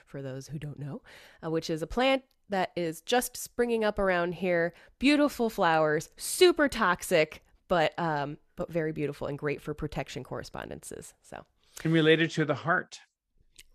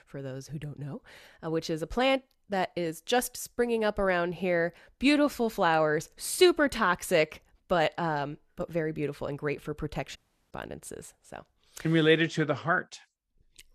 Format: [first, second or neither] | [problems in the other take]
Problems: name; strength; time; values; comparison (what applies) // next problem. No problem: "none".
first | audio cutting out; at 10 s